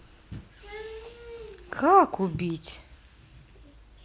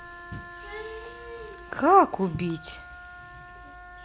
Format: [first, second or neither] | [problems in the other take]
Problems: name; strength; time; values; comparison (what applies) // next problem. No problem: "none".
first | background sound (Wind instrument, woodwind instrument); 17 dB below the speech